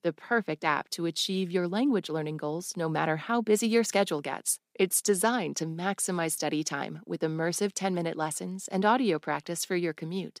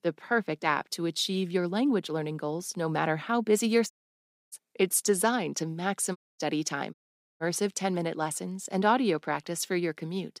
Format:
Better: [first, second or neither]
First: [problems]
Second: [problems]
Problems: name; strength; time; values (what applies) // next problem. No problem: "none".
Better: first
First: none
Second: audio cutting out; at 4 s for 0.5 s, at 6 s and at 7 s